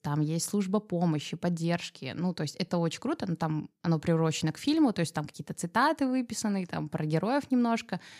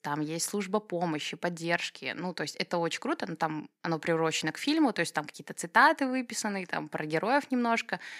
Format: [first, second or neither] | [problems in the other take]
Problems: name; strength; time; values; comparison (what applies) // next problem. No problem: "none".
first | thin; somewhat; fading below 300 Hz